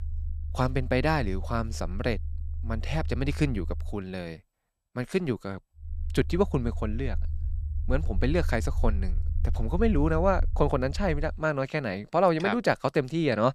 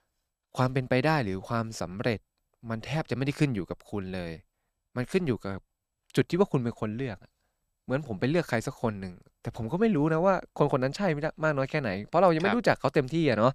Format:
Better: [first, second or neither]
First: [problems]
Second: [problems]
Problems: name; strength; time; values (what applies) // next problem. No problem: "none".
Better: second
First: low rumble; faint; until 4 s and from 6 to 11 s; 25 dB below the speech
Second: none